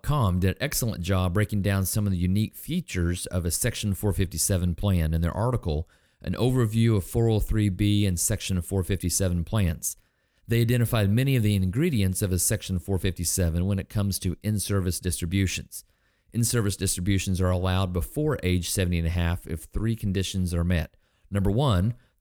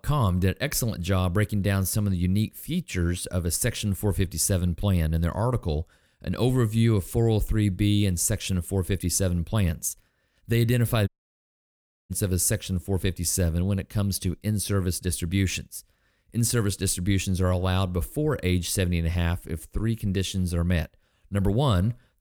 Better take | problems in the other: first | audio cutting out; at 11 s for 1 s

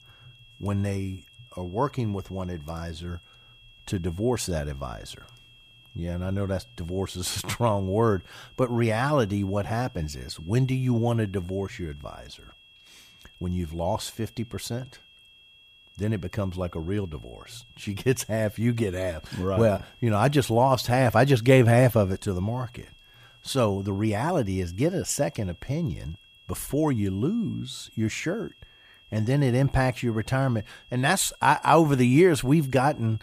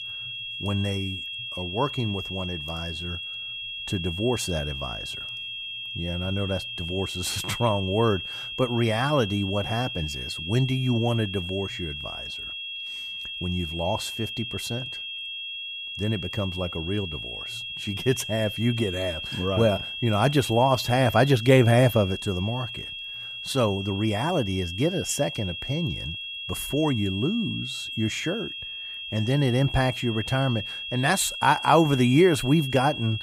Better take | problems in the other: first | high-pitched whine; loud; throughout; 3.5 kHz, 7 dB below the speech; faint in the first

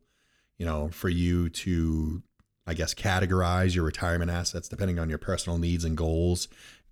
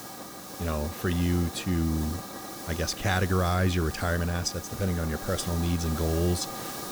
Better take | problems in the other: first | hiss; loud; throughout; 9 dB below the speech

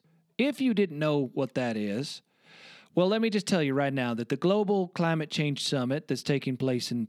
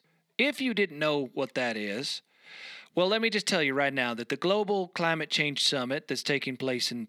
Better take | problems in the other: first | thin; very slightly; fading below 1 kHz

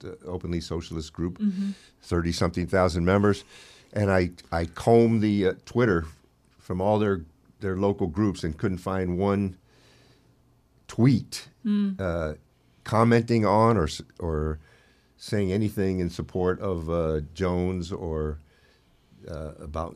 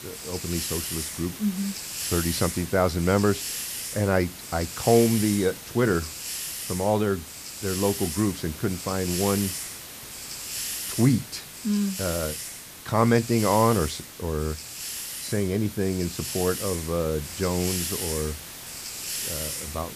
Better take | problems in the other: first | hiss; loud; throughout; 6 dB below the speech

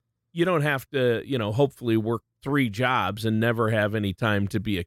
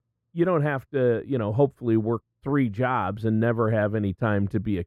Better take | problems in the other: first | muffled; very; fading above 2 kHz

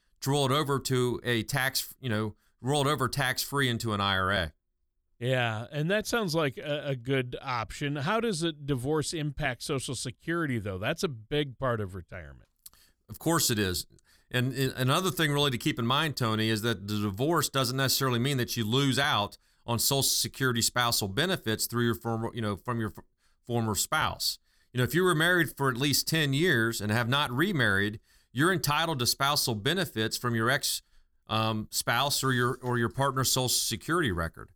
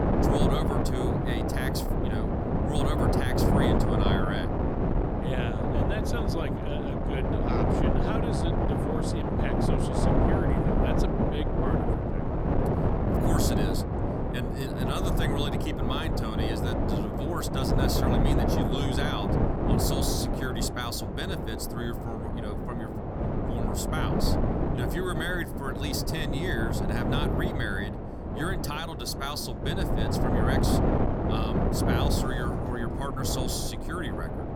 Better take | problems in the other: first | wind noise on the microphone; heavy; 3 dB above the speech

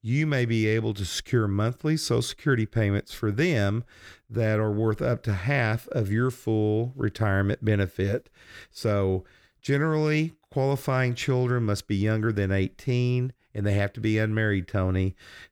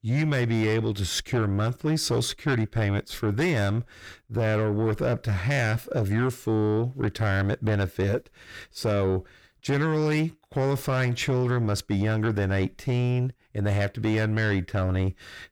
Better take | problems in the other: first | distortion; slight; 10 dB below the speech

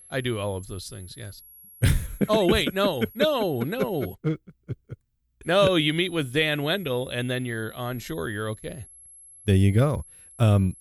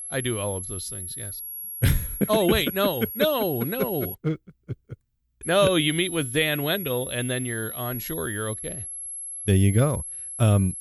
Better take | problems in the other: first | high-pitched whine; loud; until 4 s and from 5.5 s on; 11 kHz, 8 dB below the speech; faint in the first

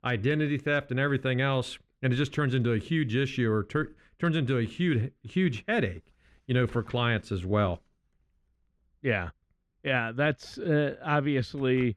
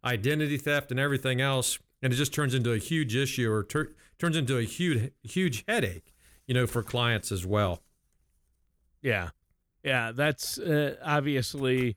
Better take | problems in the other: second | muffled; slightly; fading above 3 kHz

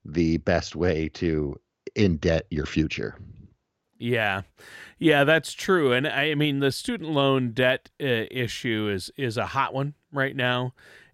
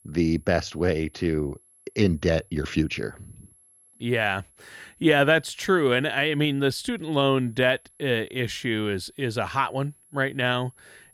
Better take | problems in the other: first | high-pitched whine; faint; throughout; 11 kHz, 30 dB below the speech

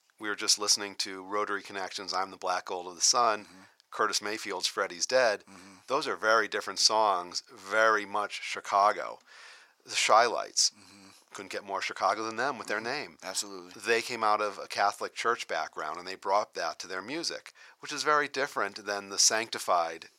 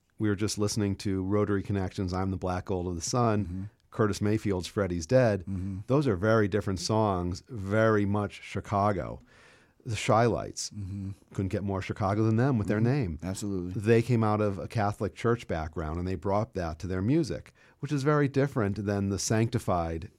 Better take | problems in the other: second | thin; very; fading below 900 Hz

